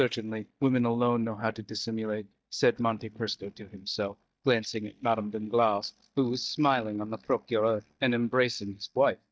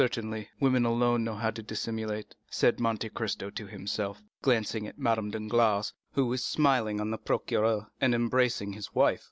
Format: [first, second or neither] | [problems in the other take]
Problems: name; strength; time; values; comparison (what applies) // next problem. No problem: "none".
second | noise reduction (neural mask model DeepFilterNet 3)